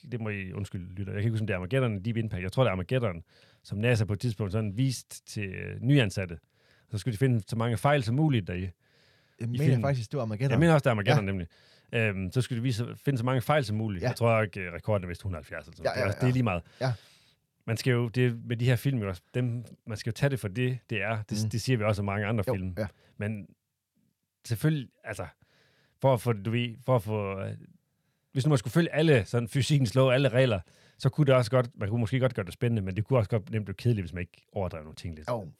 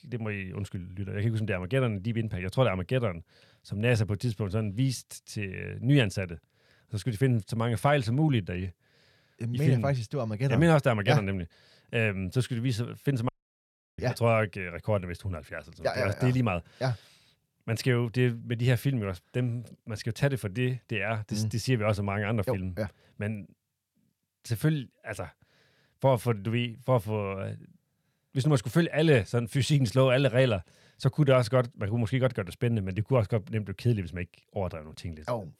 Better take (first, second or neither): first